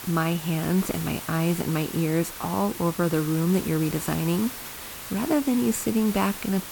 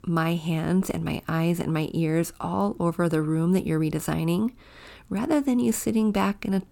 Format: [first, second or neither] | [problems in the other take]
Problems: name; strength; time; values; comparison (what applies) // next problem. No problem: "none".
second | hiss; loud; throughout; 10 dB below the speech